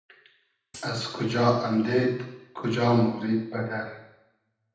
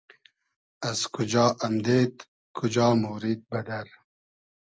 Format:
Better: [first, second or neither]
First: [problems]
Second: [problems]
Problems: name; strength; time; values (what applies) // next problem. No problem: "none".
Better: second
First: background sound (Hi-hat); 20 dB below the speech // room echo; dies away in 0.8 s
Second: none